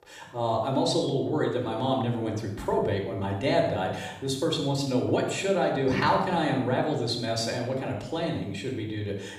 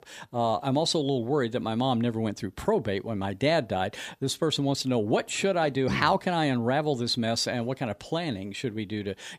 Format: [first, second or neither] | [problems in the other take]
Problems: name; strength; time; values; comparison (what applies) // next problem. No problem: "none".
second | off-mic speech; somewhat distant // room echo; noticeable; dies away in 0.7 s